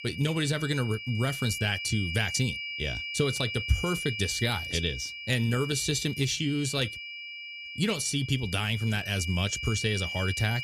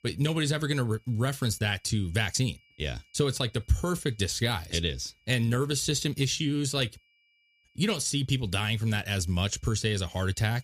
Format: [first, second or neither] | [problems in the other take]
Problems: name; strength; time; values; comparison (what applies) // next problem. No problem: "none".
second | high-pitched whine; loud; throughout; 2.5 kHz, 6 dB below the speech; faint in the second